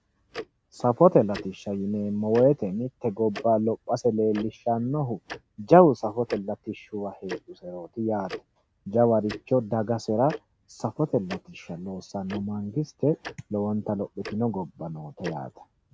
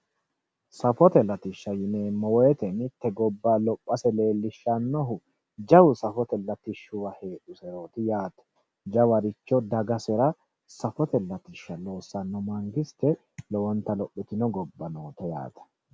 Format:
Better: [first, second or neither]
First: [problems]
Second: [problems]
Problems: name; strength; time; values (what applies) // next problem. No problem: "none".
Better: second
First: background sound (Tick-tock); 18 dB below the speech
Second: none